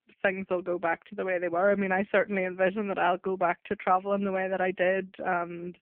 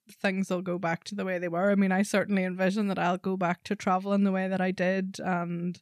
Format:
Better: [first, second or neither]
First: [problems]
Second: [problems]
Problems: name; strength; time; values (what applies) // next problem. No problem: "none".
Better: second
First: phone-call audio; poor line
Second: none